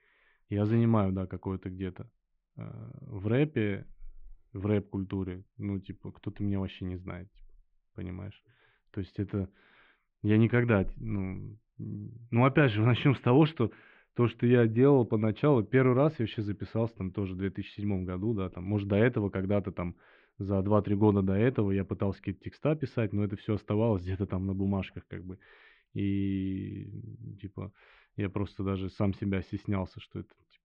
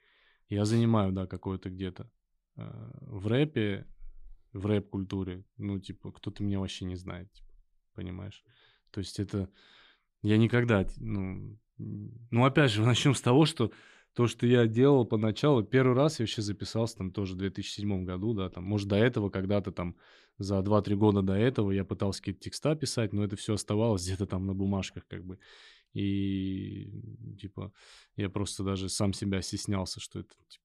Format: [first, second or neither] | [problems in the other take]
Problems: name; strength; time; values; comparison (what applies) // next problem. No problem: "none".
second | muffled; very; fading above 2.5 kHz